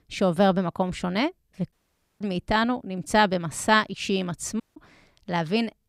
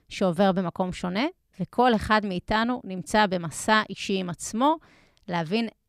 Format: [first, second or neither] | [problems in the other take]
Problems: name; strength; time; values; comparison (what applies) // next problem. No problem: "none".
second | audio cutting out; at 1.5 s and at 4.5 s